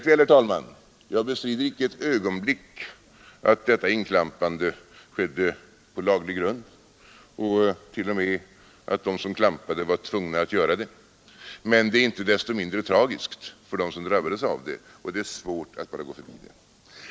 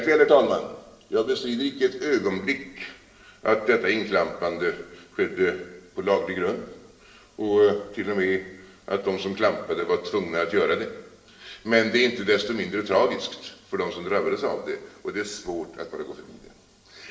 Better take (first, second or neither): first